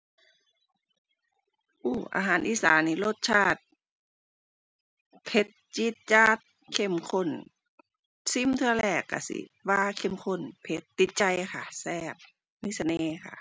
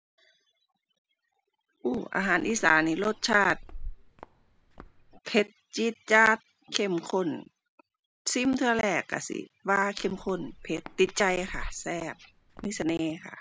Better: first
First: none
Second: background sound (Walk, footsteps); 14 dB below the speech

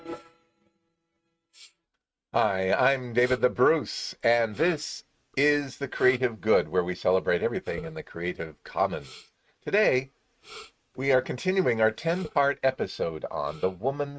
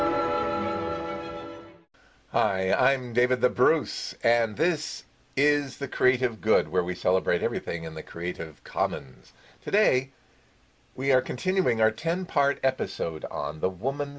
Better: second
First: noise reduction (neural mask model RNNoise)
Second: none

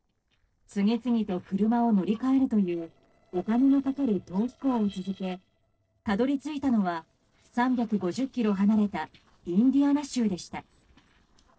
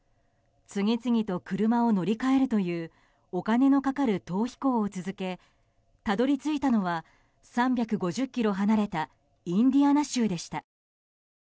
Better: second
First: noise reduction (neural separator model SepFormer DNS4)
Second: none

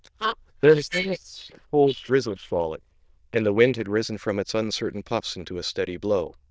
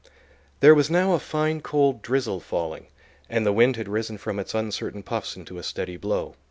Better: second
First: noise reduction (neural diffusion model UNIVERSE++)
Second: none

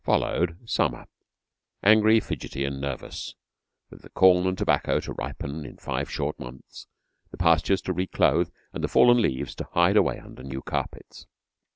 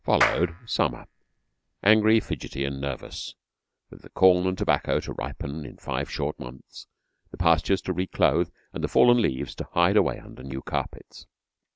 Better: first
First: none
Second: background sound (Clapping); 6 dB below the speech

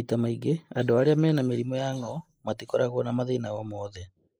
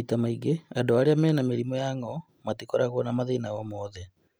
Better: second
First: noise reduction (neural mask model Resemble Enhance denoiser)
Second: none

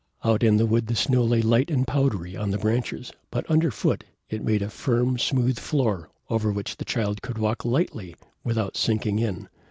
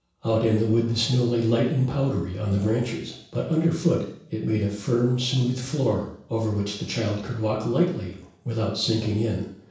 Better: first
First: none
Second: room echo; dies away in 0.7 s

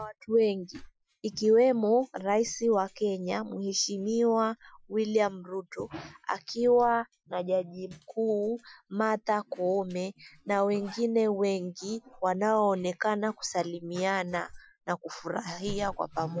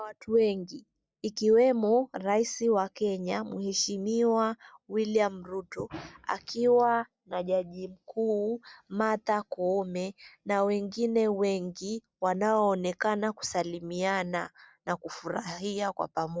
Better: second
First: noise reduction (classical method Wiener filter)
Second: none

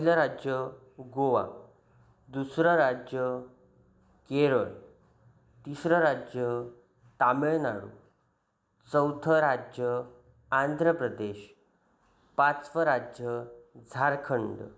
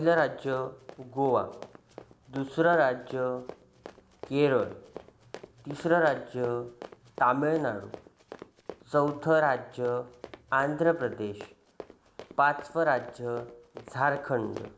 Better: first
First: none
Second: background sound (Run); 19 dB below the speech

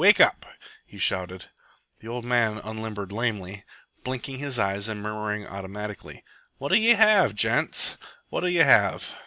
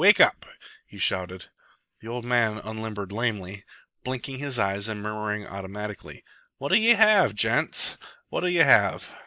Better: first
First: none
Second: noise reduction (neural mask model Resemble Enhance denoiser)

